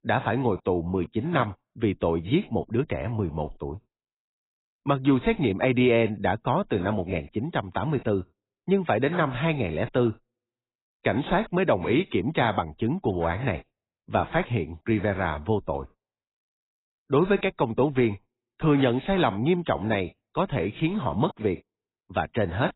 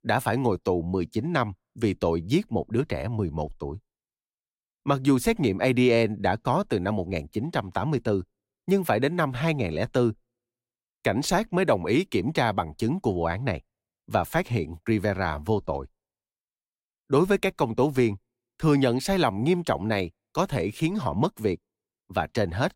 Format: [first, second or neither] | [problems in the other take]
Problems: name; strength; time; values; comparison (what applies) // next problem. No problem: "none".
second | garbled, watery; badly; nothing above 4 kHz